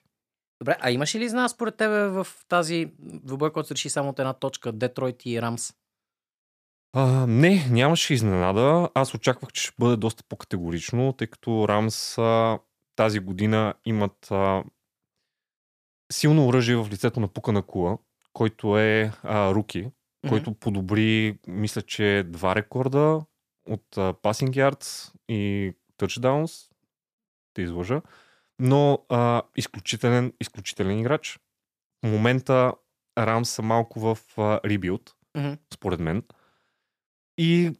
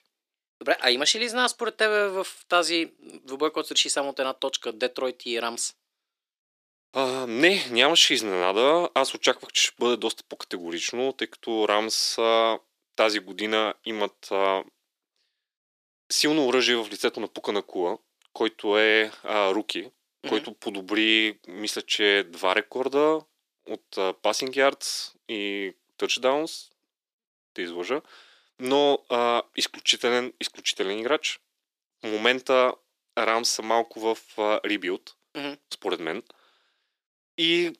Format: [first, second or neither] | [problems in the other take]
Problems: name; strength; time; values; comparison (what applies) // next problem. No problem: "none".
first | thin; somewhat; fading below 300 Hz